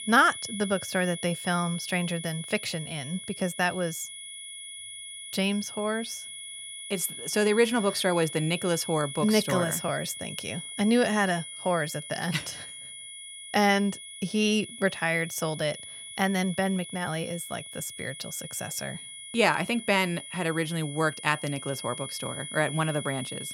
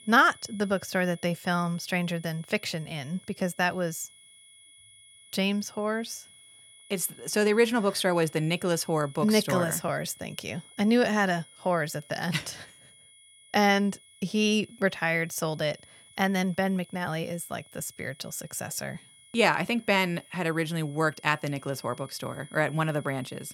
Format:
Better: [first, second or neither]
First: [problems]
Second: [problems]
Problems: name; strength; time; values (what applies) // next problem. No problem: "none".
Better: second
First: high-pitched whine; loud; throughout; 3.5 kHz, 10 dB below the speech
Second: high-pitched whine; faint; throughout; 3.5 kHz, 25 dB below the speech